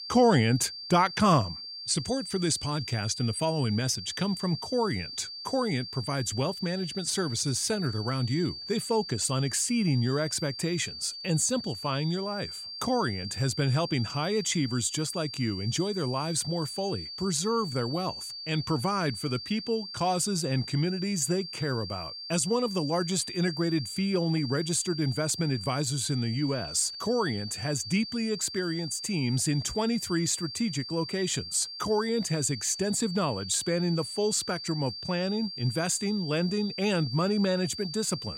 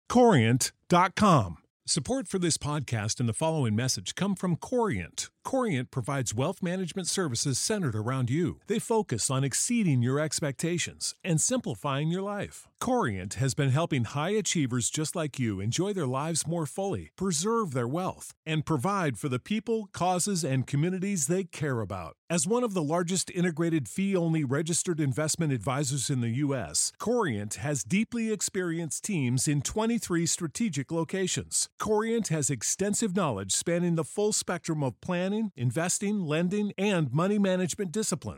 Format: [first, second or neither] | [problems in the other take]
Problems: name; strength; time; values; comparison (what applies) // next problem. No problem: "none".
second | high-pitched whine; loud; throughout; 4.5 kHz, 8 dB below the speech